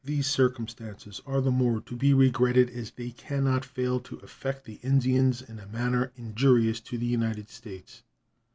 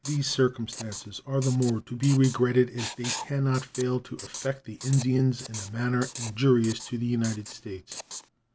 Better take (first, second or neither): first